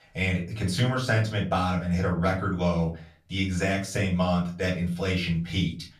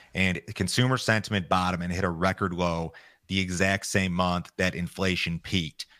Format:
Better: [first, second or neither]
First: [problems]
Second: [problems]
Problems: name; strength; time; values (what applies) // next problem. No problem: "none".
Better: second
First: room echo; slight; dies away in 0.3 s // off-mic speech; far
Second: none